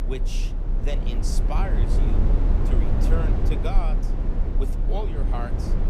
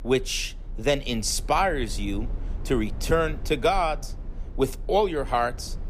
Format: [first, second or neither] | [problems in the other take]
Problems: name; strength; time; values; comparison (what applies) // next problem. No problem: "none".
second | low rumble; loud; throughout; 1 dB below the speech; faint in the second